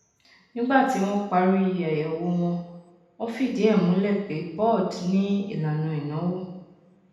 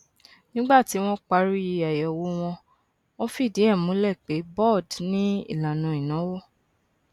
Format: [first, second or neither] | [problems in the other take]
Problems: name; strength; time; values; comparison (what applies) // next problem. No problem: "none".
second | room echo; dies away in 0.9 s